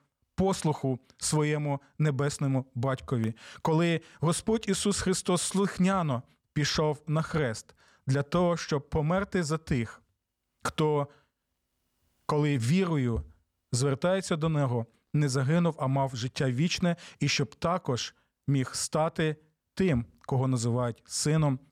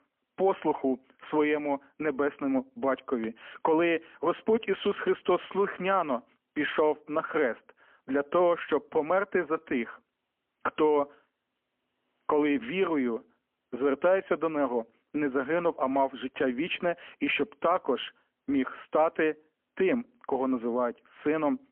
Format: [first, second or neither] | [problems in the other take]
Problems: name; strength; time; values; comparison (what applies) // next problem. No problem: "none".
first | phone-call audio; poor line; nothing above 3 kHz